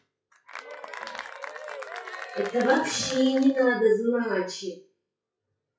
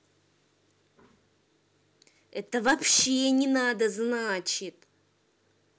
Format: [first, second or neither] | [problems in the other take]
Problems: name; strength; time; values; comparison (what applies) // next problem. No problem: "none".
second | noise reduction (classical method WPE with log-MMSE)